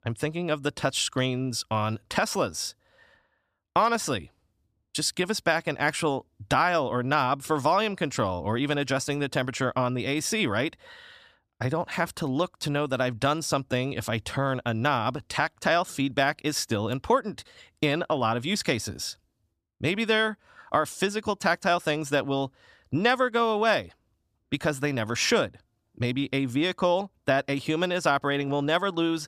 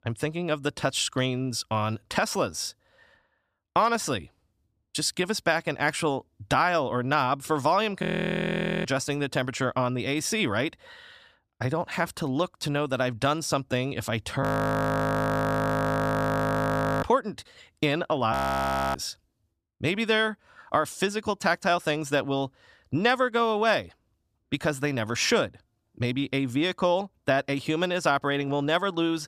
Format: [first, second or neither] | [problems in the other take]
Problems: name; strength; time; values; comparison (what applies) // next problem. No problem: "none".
first | audio freezing; at 8 s for 1 s, at 14 s for 2.5 s and at 18 s for 0.5 s